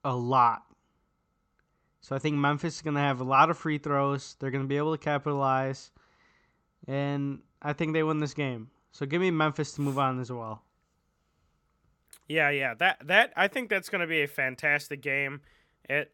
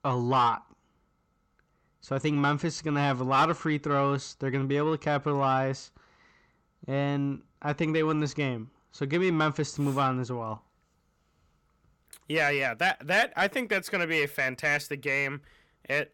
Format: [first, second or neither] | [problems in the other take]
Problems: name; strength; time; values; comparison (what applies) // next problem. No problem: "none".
first | distortion; slight; 10 dB below the speech